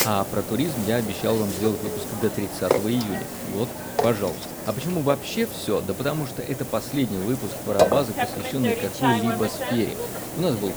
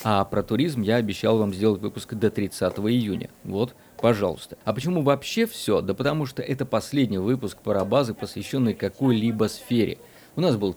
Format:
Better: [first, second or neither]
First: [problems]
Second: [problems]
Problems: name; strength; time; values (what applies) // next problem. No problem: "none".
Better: second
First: hiss; loud; throughout; 2 dB below the speech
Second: hiss; faint; throughout; 25 dB below the speech